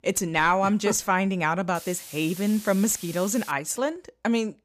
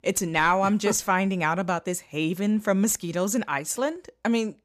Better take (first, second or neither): second